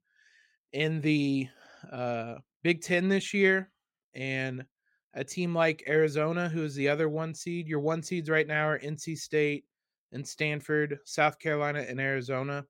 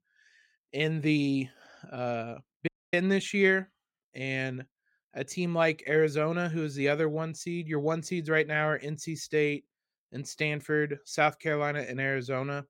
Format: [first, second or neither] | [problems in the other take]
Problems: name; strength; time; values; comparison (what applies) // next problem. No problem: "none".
first | audio cutting out; at 2.5 s